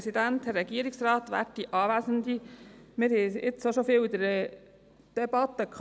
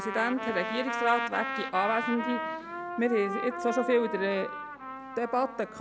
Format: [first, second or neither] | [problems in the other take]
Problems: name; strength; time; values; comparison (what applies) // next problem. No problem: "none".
first | background sound (Trumpet); 5 dB below the speech